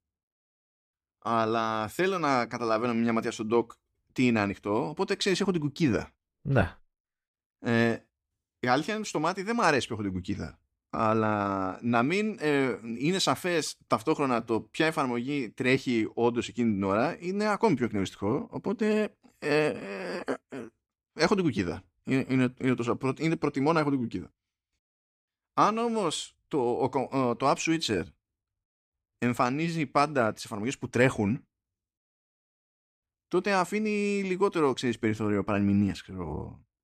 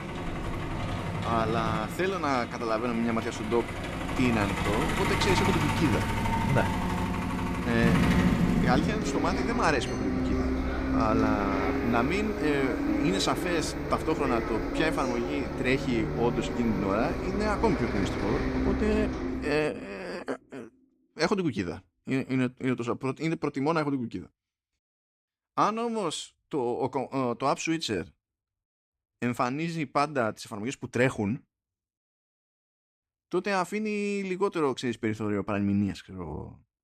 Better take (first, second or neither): first